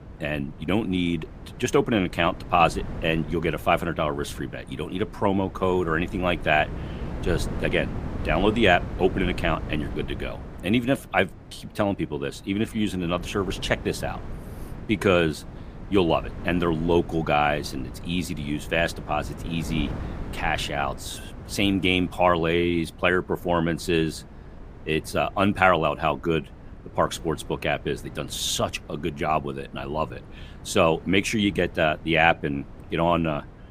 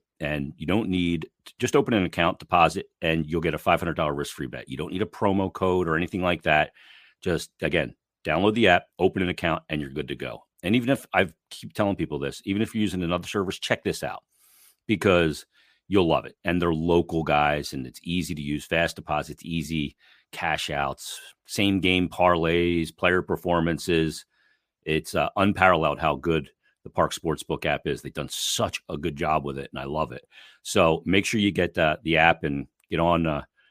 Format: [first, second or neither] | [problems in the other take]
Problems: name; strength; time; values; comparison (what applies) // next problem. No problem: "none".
second | wind noise on the microphone; occasional gusts; 20 dB below the speech